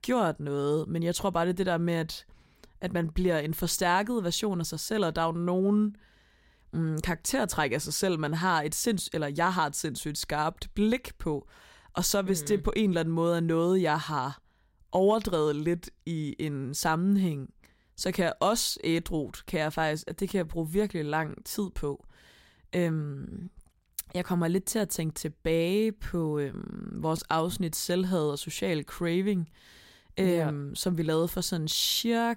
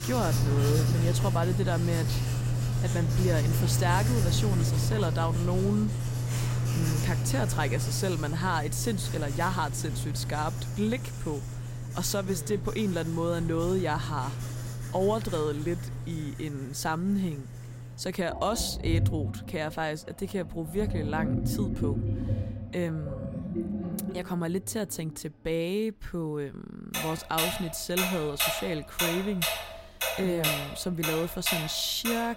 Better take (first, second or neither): first